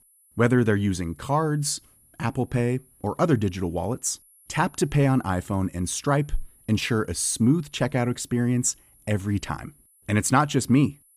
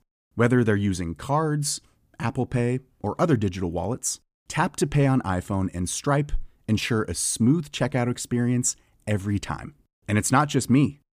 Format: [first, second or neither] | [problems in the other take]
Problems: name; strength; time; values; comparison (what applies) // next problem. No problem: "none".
second | high-pitched whine; faint; throughout; 10 kHz, 30 dB below the speech